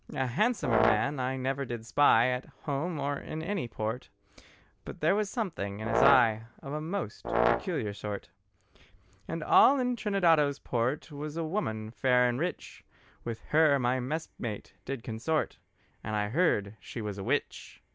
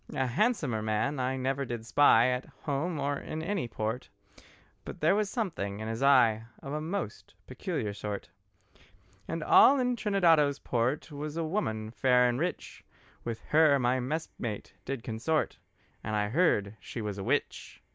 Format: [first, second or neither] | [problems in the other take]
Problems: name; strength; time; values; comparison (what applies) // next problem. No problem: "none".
second | background sound (Brass instrument); 1 dB below the speech